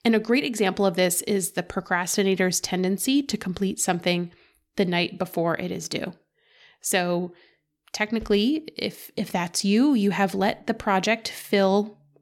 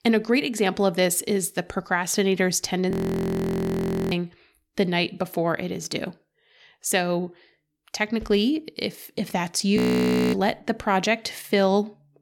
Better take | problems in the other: first | audio freezing; at 3 s for 1 s and at 10 s for 0.5 s

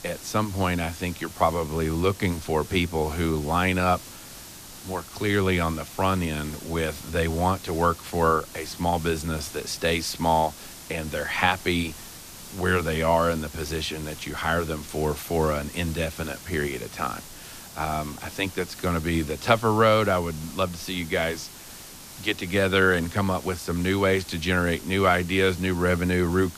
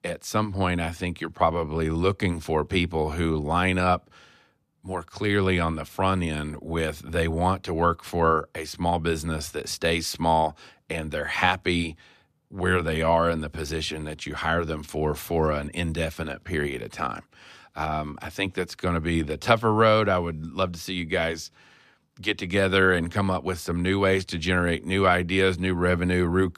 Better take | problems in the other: second | hiss; noticeable; throughout; 15 dB below the speech

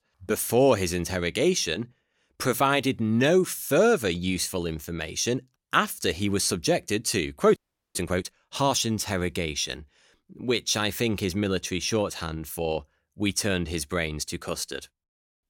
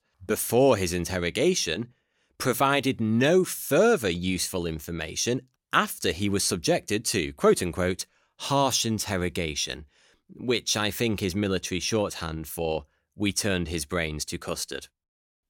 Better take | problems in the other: second | audio freezing; at 7.5 s

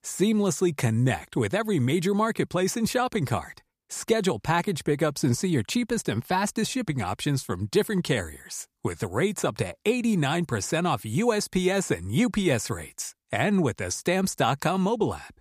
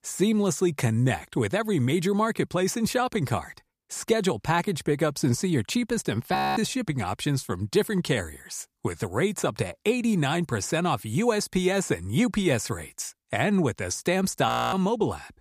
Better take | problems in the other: first | audio freezing; at 6.5 s and at 14 s

